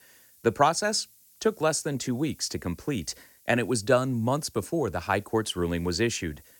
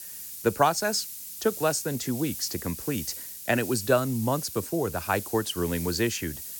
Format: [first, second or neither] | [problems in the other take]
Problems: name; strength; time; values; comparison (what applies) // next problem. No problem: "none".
first | hiss; loud; throughout; 8 dB below the speech; faint in the first